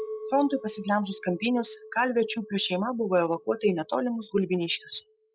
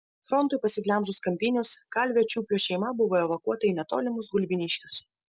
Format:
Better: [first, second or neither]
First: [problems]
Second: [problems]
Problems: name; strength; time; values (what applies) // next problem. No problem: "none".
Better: second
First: noise reduction (classical method log-MMSE)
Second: none